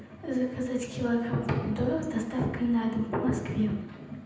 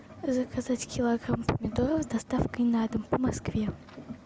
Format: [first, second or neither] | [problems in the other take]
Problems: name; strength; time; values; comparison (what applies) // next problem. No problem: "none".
second | room echo; dies away in 0.9 s